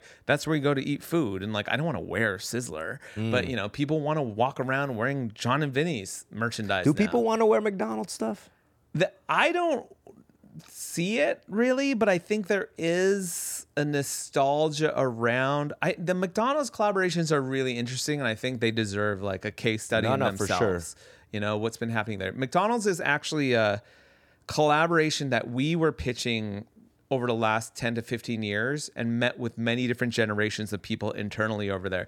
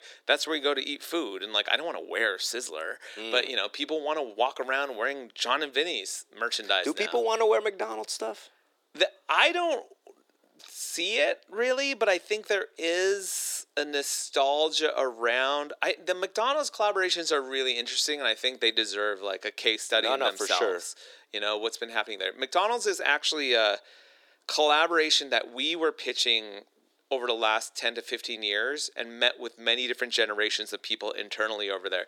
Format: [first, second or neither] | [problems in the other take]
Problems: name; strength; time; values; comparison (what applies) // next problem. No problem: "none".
first | thin; very; fading below 350 Hz